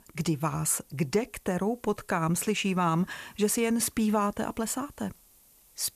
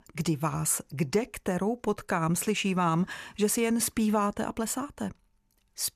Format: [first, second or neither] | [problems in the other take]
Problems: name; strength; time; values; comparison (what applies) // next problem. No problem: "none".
second | hiss; faint; throughout; 30 dB below the speech